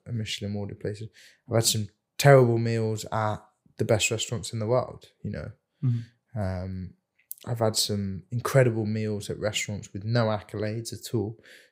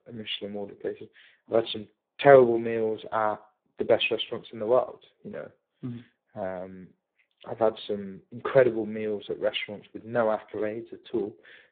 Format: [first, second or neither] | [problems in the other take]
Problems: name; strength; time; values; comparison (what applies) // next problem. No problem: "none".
first | phone-call audio; poor line; nothing above 3.5 kHz